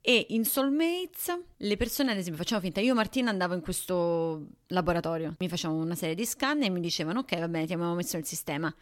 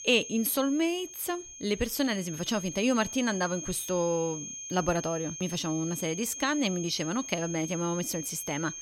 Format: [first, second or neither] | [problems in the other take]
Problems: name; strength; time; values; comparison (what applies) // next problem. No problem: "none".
first | high-pitched whine; loud; throughout; 6.5 kHz, 8 dB below the speech